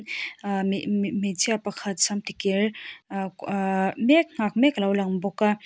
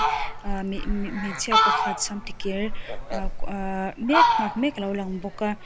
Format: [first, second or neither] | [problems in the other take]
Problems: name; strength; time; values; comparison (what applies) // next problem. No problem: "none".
first | background sound (Fowl); 4 dB above the speech